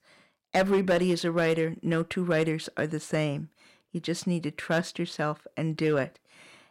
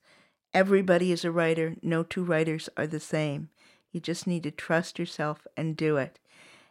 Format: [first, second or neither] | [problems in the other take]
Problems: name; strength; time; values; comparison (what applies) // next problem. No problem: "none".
second | distortion; slight; 3% of the sound clipped